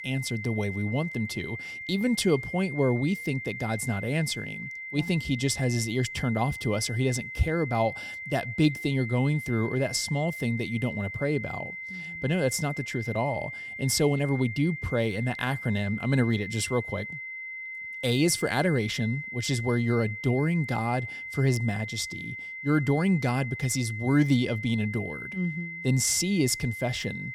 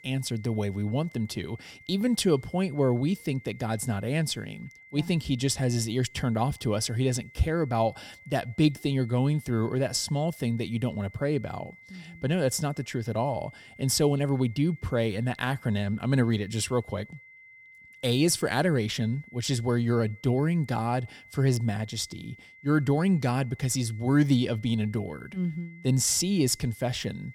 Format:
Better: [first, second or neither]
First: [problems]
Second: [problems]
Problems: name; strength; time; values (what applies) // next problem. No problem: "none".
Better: second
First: high-pitched whine; loud; throughout; 2 kHz, 8 dB below the speech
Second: high-pitched whine; faint; throughout; 2 kHz, 25 dB below the speech